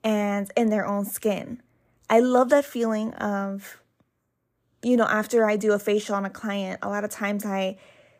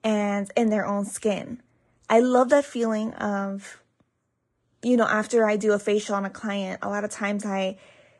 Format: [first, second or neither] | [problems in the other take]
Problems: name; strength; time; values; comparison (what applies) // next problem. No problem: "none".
first | garbled, watery; slightly; nothing above 10.5 kHz